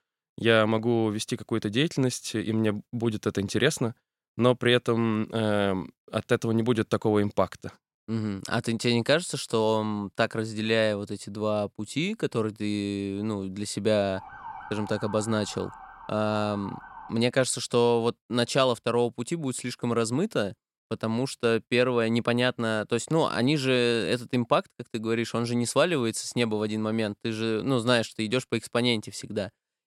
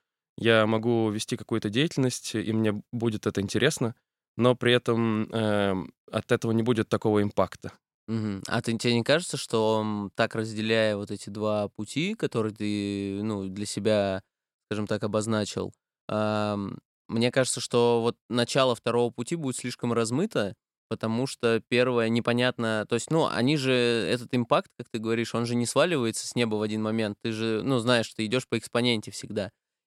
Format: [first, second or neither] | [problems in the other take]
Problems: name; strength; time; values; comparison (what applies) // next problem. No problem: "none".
second | siren; faint; from 14 to 17 s; peak 15 dB below the speech